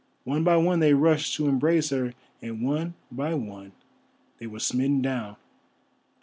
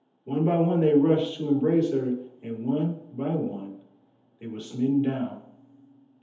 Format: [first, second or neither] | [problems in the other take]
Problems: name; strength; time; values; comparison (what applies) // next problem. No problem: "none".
first | room echo; dies away in 0.8 s